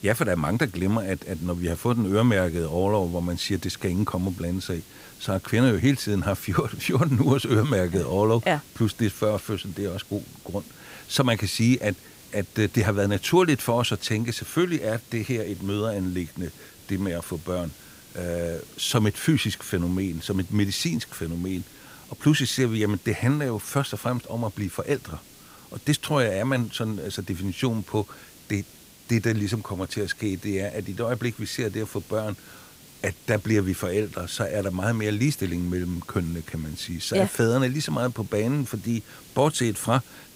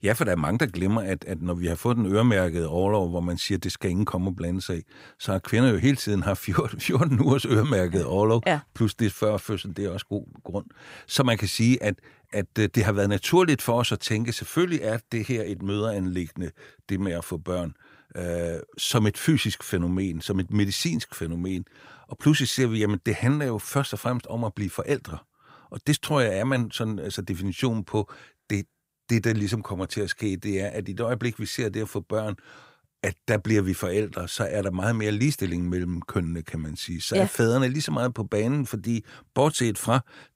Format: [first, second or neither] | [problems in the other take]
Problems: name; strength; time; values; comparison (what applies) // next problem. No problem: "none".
second | hiss; faint; throughout; 20 dB below the speech